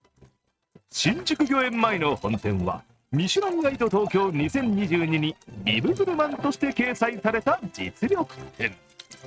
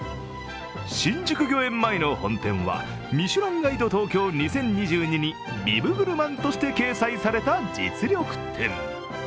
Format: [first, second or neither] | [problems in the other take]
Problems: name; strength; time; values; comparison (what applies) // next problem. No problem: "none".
second | noise reduction (neural mask model RNNoise)